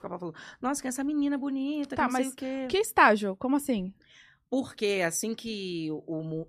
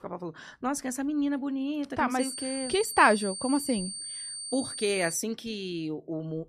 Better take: first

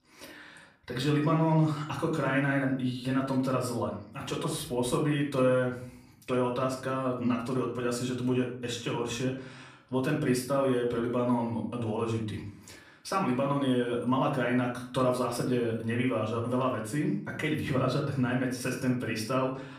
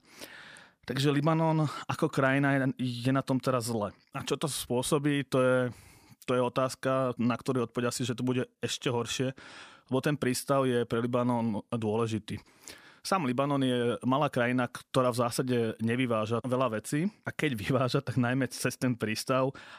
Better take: second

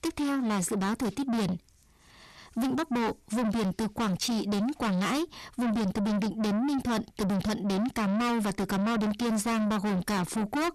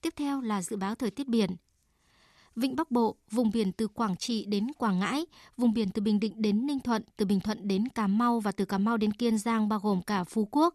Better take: second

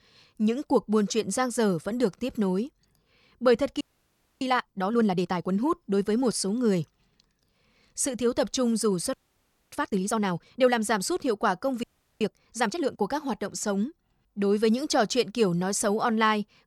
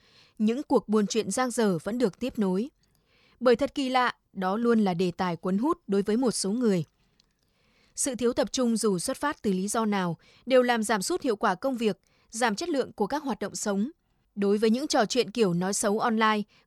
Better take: second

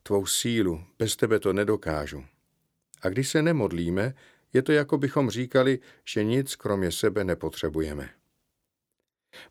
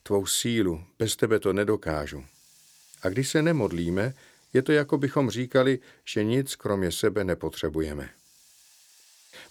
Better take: first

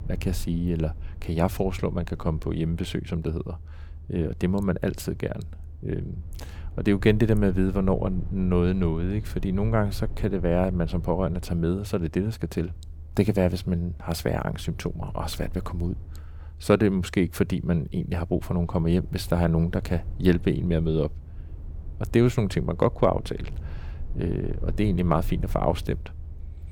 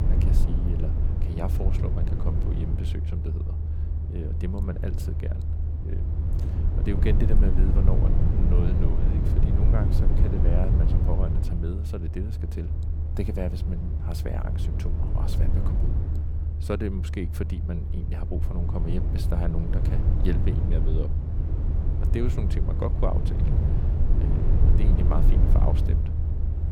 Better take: first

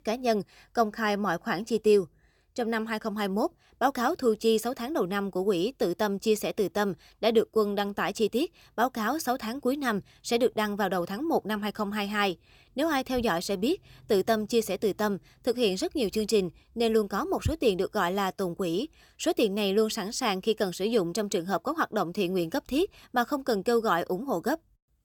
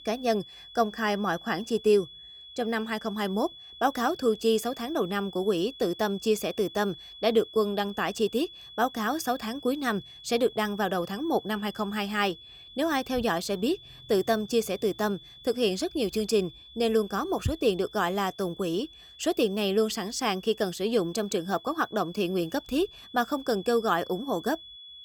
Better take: first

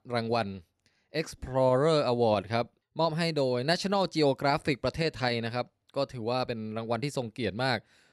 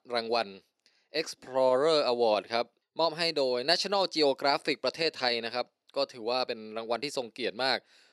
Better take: first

